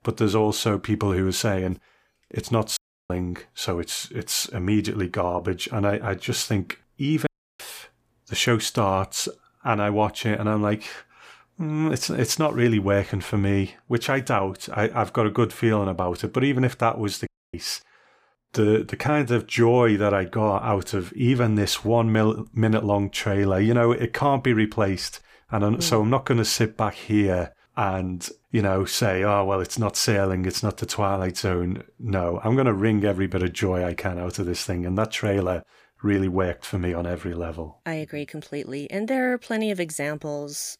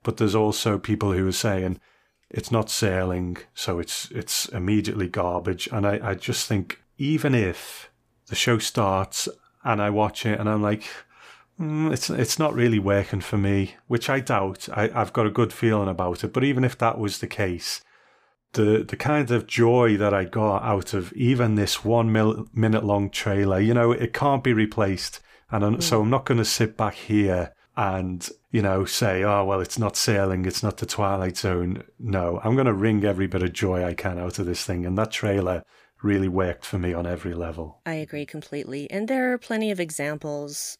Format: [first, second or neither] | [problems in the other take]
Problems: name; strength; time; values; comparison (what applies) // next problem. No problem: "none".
second | audio cutting out; at 3 s, at 7.5 s and at 17 s